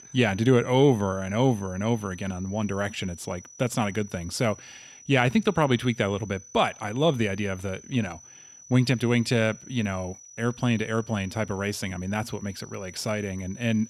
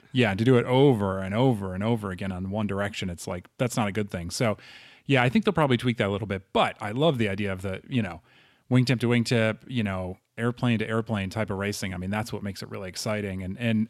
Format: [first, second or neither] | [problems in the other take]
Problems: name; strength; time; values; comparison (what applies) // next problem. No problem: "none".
second | high-pitched whine; noticeable; throughout; 6 kHz, 20 dB below the speech